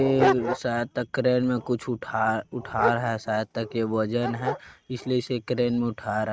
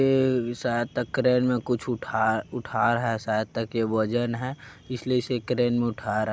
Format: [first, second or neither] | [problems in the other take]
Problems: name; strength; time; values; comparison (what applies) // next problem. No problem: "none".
second | noise reduction (neural mask model RNNoise)